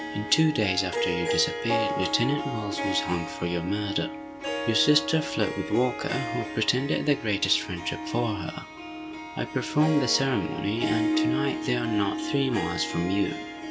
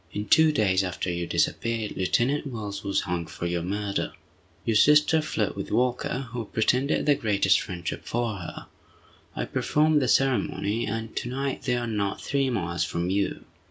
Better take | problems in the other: second | background sound (Harp); 4 dB below the speech

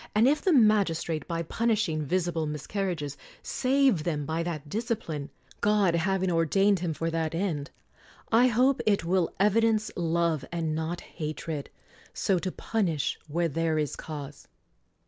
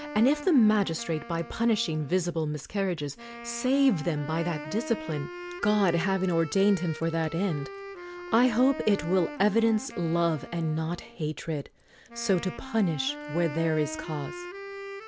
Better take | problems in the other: first | background sound (Wind instrument, woodwind instrument); 13 dB below the speech

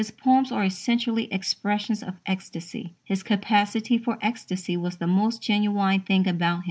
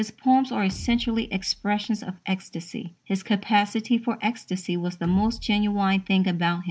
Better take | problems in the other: first | background sound (Bass drum); 17 dB below the speech

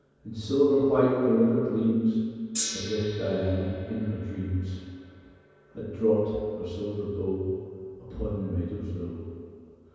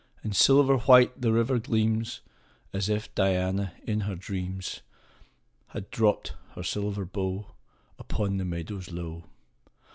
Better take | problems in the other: second | background sound (Gong); 16 dB below the speech // room echo; dies away in 2.2 s

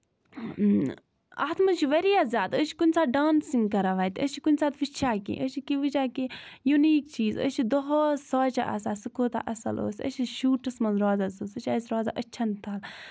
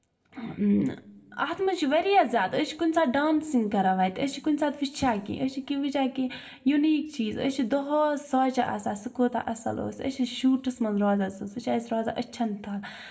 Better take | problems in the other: first | room echo; dies away in 0.7 s

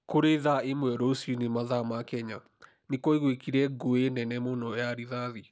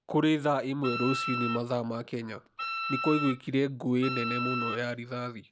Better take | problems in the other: first | background sound (Wind instrument, woodwind instrument); 5 dB below the speech

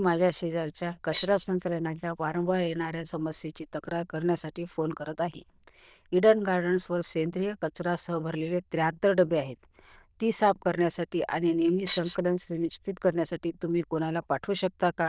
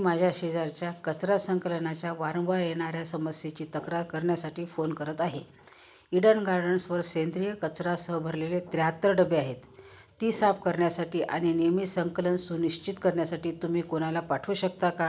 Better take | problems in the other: second | noise reduction (neural diffusion model UNIVERSE++)

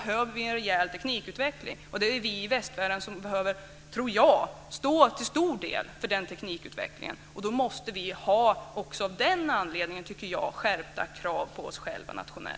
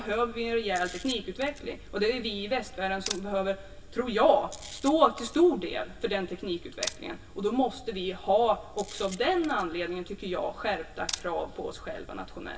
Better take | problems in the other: first | background sound (Camera); 17 dB below the speech // room echo; dies away in 0.1 s

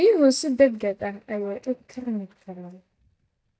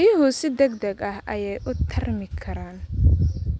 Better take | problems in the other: second | noise reduction (neural mask model DeepFilterNet 3)

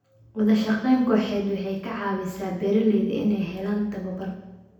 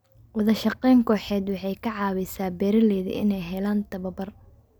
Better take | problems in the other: second | room echo; dies away in 0.9 s

